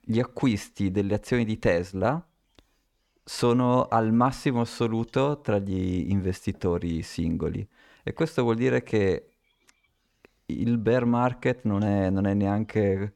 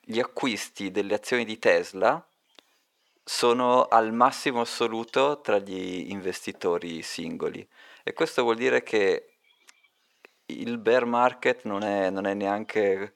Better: first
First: none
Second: thin; somewhat; fading below 450 Hz

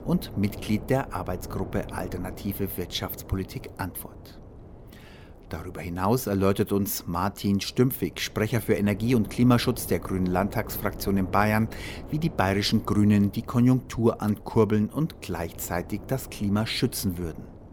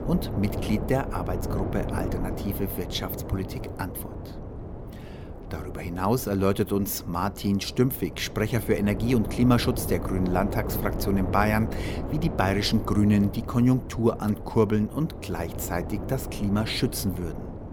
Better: first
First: wind noise on the microphone; occasional gusts; 20 dB below the speech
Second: wind noise on the microphone; heavy; 9 dB below the speech

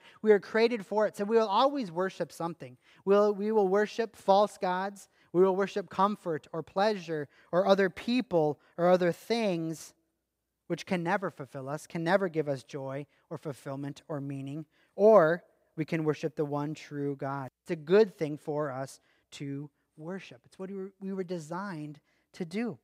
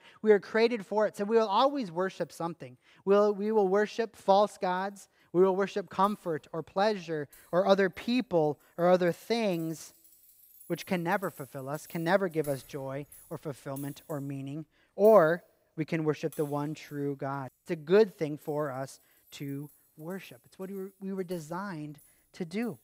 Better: first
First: none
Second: household noises; faint; throughout; 25 dB below the speech

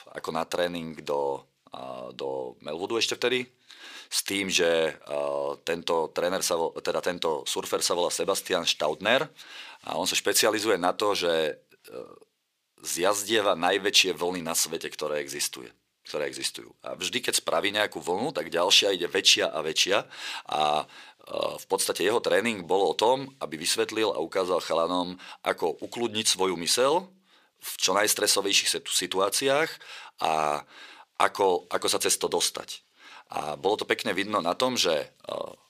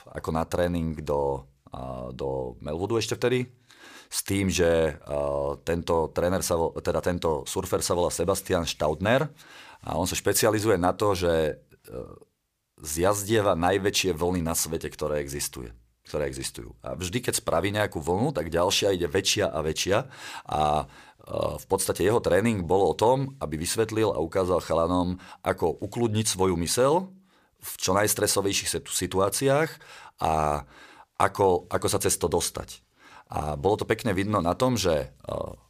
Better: second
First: thin; very slightly; fading below 250 Hz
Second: none

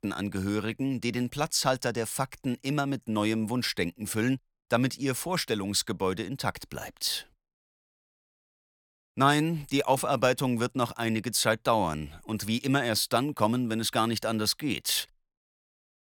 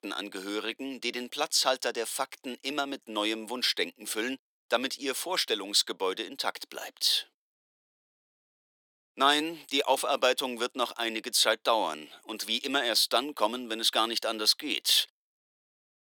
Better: first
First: none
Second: thin; somewhat; fading below 300 Hz

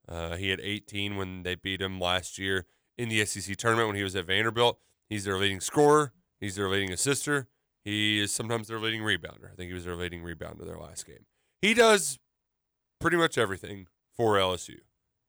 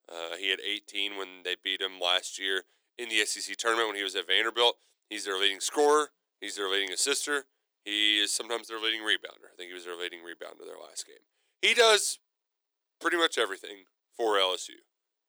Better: first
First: none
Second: thin; somewhat; fading below 350 Hz

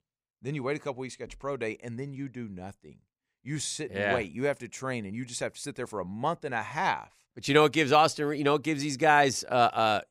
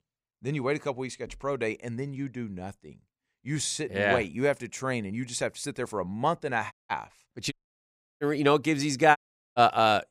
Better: first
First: none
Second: audio cutting out; at 6.5 s, at 7.5 s for 0.5 s and at 9 s

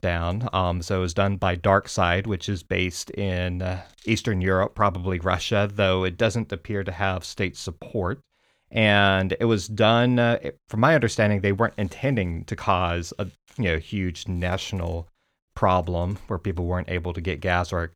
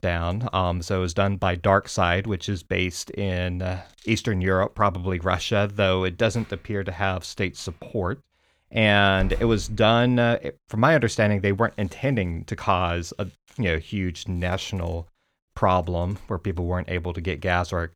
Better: first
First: none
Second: door banging; noticeable; at 9 s; peak 9 dB below the speech

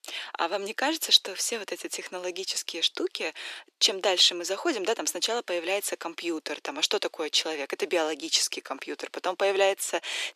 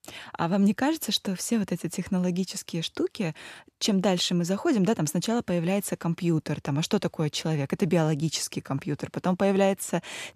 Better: second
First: thin; very; fading below 350 Hz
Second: none

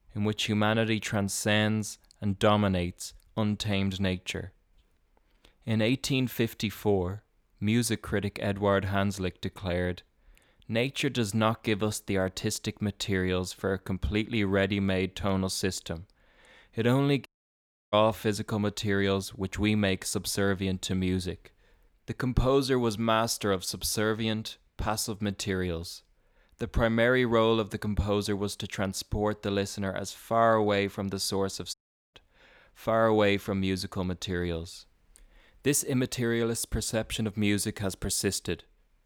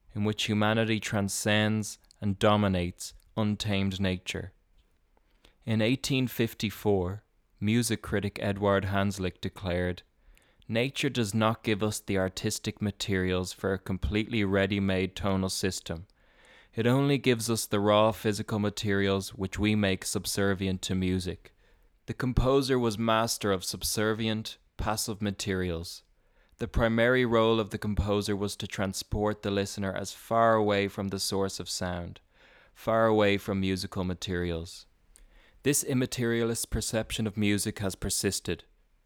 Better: second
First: audio cutting out; at 17 s for 0.5 s and at 32 s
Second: none

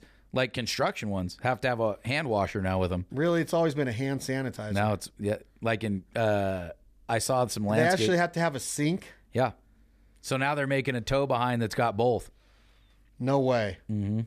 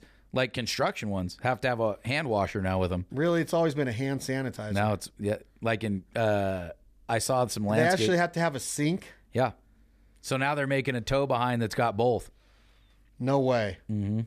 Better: neither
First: none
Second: none

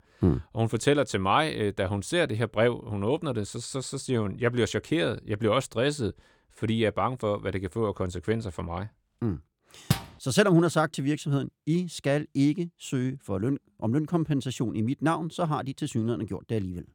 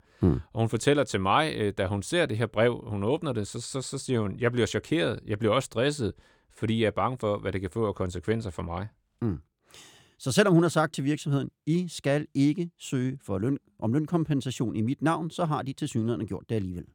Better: second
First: door banging; noticeable; at 10 s; peak 2 dB below the speech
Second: none

